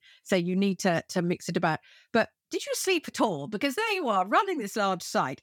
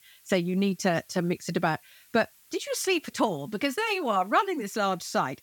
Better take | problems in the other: first | hiss; faint; throughout; 30 dB below the speech

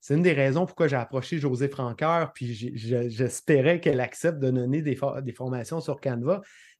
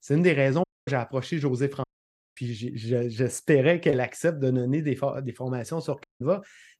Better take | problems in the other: first | audio cutting out; at 0.5 s, at 2 s for 0.5 s and at 6 s

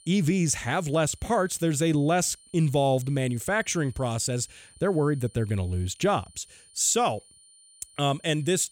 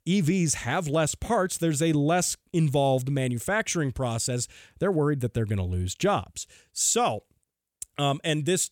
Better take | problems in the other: second | high-pitched whine; faint; throughout; 9 kHz, 25 dB below the speech

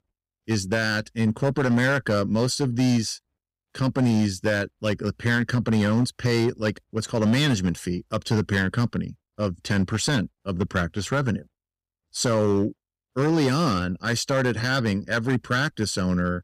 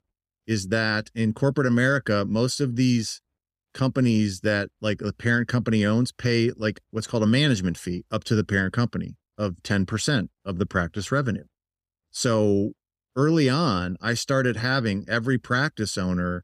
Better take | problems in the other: second | distortion; slight; 6% of the sound clipped

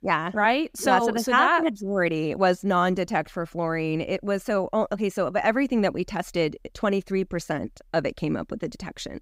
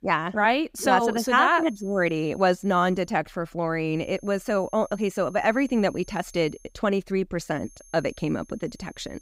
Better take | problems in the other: first | high-pitched whine; faint; from 1 to 3 s, from 4 to 6.5 s and from 7.5 s on; 6.5 kHz, 30 dB below the speech

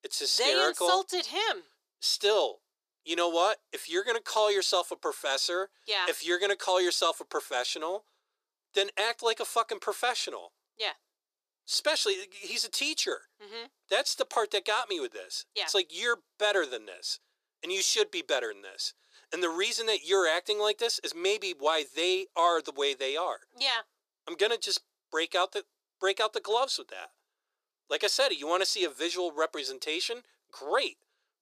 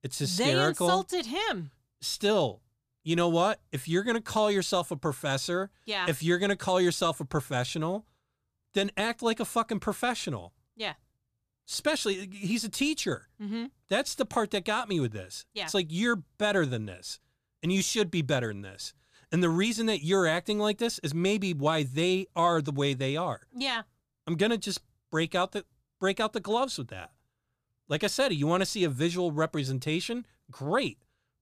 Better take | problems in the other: second | thin; very; fading below 400 Hz

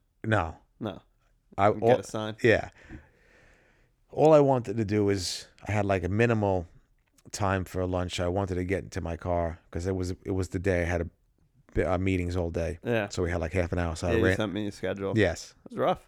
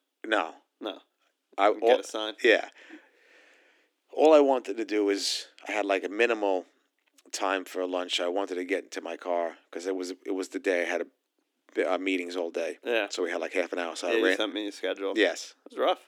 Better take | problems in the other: first | thin; somewhat; fading below 300 Hz

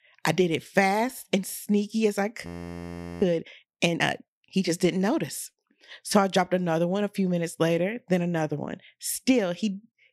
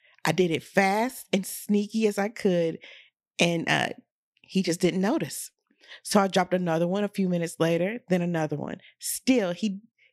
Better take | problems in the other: second | audio freezing; at 2.5 s for 1 s

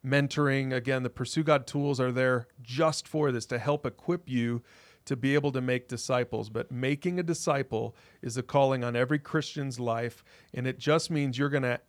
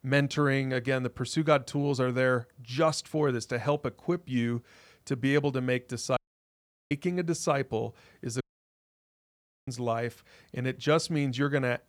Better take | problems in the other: first | audio cutting out; at 6 s for 0.5 s and at 8.5 s for 1.5 s

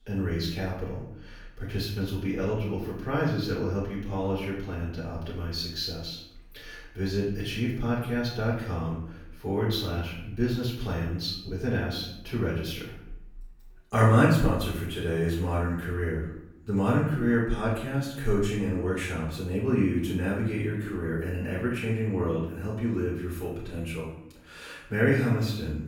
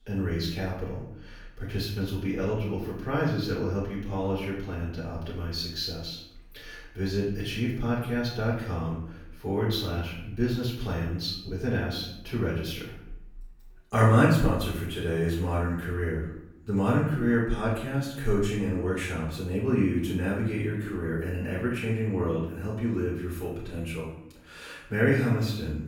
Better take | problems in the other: neither | off-mic speech; far; the same in both // room echo; noticeable; dies away in 0.7 s; the same in both

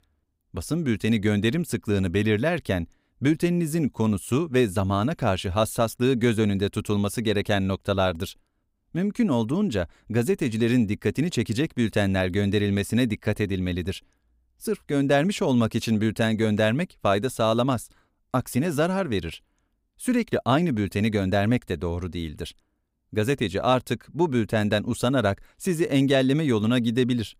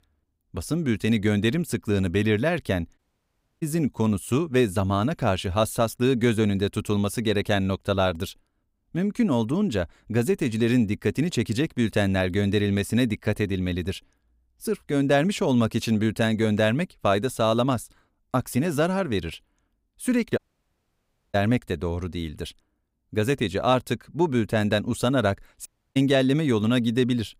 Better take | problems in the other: first | audio cutting out; at 3 s for 0.5 s, at 20 s for 1 s and at 26 s

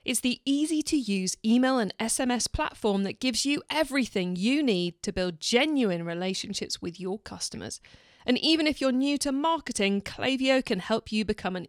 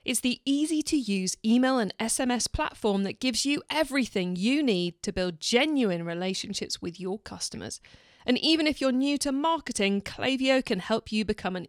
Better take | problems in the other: neither | none

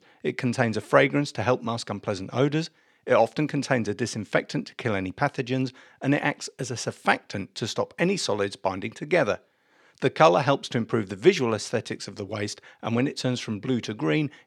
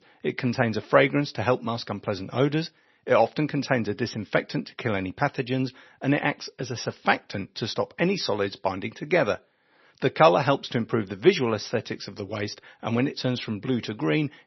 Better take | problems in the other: first | garbled, watery; slightly; nothing above 6 kHz

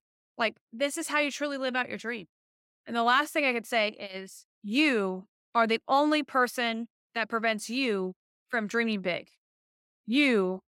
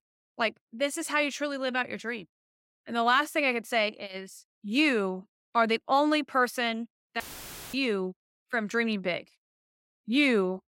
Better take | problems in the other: first | audio cutting out; filled with static; at 7 s for 0.5 s

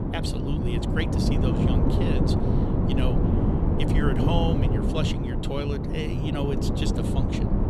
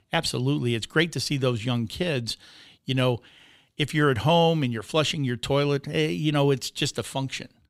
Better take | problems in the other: second | wind noise on the microphone; heavy; 2 dB above the speech

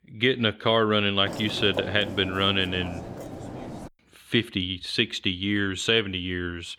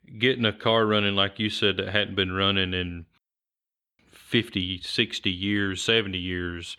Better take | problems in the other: second | hiss; noticeable; from 1.5 to 4 s; 10 dB below the speech

